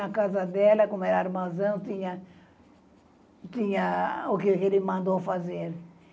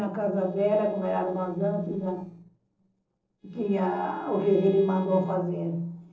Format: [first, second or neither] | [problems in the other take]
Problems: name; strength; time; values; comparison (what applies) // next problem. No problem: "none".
first | noise reduction (neural separator model SepFormer DNS4)